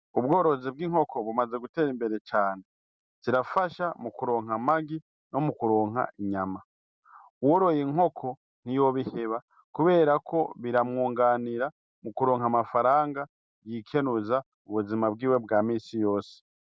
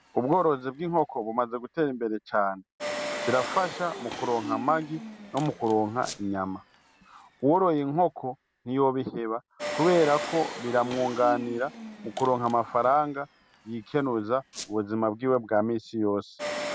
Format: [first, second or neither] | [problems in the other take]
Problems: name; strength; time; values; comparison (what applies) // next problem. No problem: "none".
first | background sound (Engine + Squeak); 12 dB below the speech